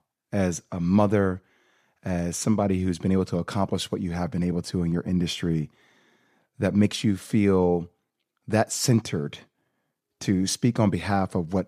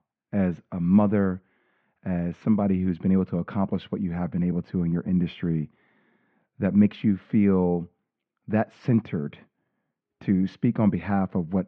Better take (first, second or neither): first